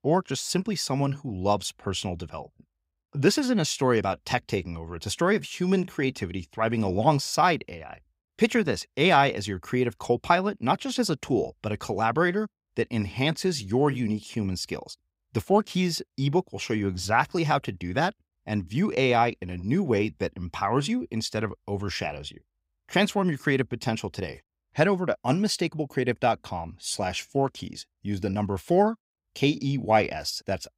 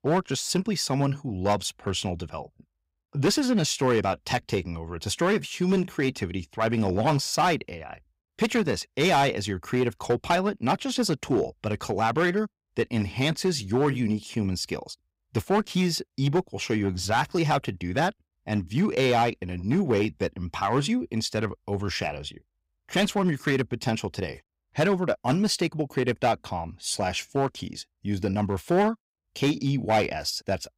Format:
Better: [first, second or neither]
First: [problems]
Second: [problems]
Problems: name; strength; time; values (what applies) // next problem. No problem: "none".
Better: first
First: none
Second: distortion; slight; 4% of the sound clipped